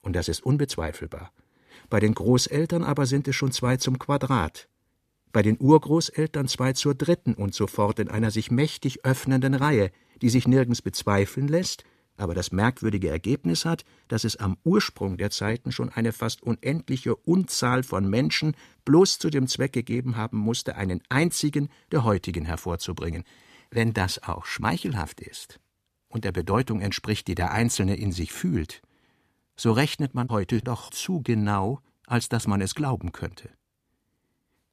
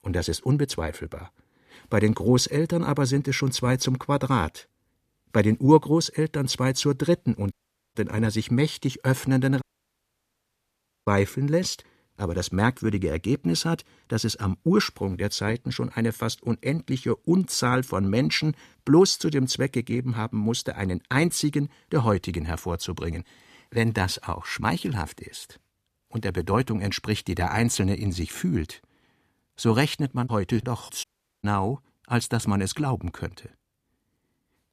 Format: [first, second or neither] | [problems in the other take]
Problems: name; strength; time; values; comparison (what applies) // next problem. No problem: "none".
first | audio cutting out; at 7.5 s, at 9.5 s for 1.5 s and at 31 s